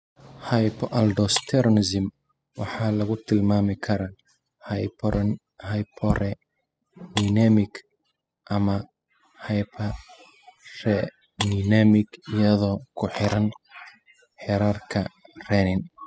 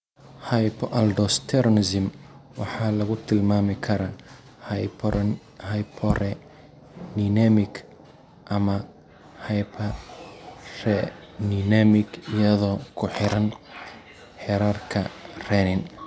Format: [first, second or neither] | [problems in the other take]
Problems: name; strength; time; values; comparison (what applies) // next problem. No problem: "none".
second | noise reduction (classical method spectral subtraction)